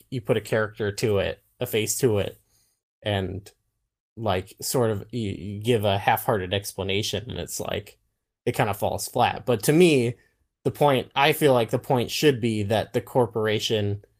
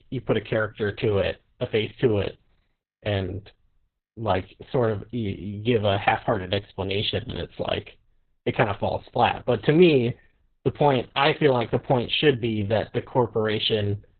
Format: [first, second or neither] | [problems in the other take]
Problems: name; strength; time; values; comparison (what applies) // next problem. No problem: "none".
first | garbled, watery; badly; nothing above 4 kHz; slightly in the first